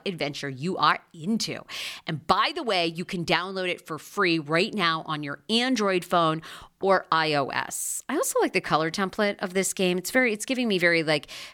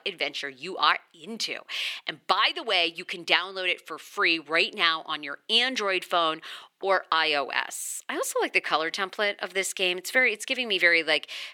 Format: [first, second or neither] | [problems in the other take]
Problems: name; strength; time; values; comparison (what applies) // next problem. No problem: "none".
first | thin; somewhat; fading below 450 Hz